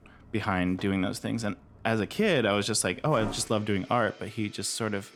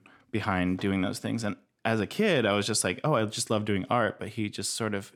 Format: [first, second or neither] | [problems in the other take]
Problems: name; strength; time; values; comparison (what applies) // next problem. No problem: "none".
second | household noises; noticeable; throughout; 20 dB below the speech